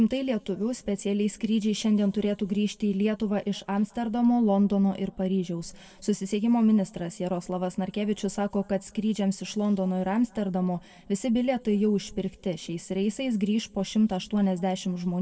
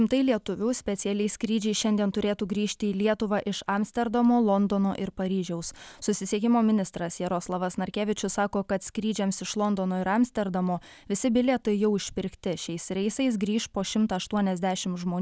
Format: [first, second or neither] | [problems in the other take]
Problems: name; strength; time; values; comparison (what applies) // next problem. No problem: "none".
second | room echo; dies away in 1.5 s